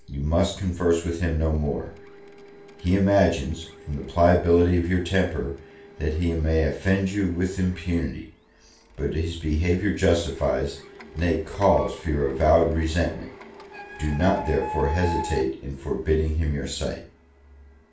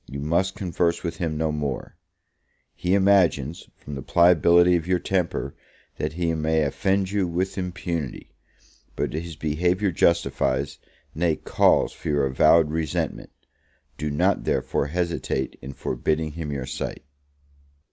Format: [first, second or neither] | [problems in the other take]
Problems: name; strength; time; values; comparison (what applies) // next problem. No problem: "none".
second | background sound (Printer); 17 dB below the speech // room echo; dies away in 0.3 s